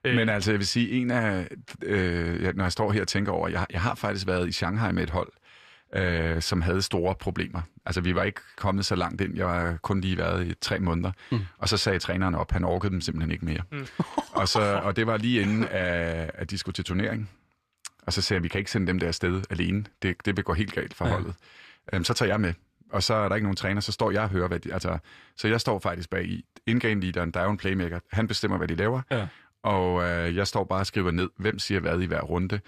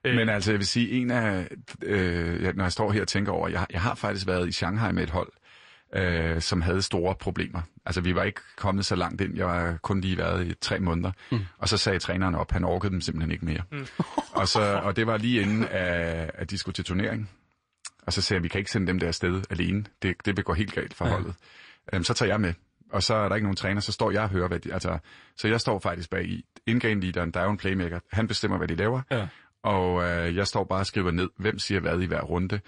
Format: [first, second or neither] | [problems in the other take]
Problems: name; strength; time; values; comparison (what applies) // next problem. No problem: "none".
first | garbled, watery; slightly; nothing above 9 kHz